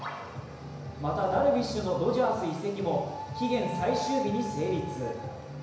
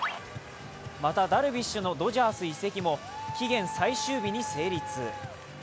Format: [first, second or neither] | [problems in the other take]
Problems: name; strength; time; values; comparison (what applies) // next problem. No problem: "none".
second | room echo; dies away in 1 s